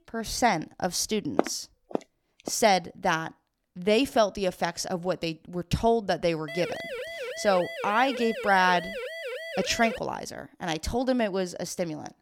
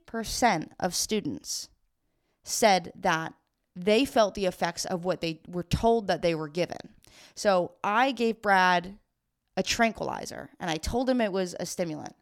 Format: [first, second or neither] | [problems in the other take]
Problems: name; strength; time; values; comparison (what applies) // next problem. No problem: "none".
second | footsteps; noticeable; from 1.5 to 2.5 s; peak 3 dB below the speech // siren; noticeable; from 6.5 to 10 s; peak 7 dB below the speech